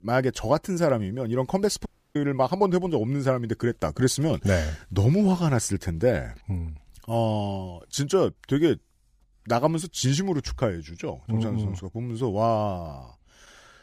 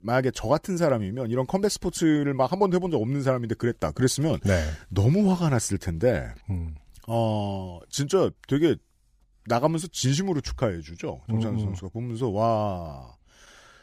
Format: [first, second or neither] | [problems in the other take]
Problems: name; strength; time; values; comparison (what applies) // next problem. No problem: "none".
second | audio cutting out; at 2 s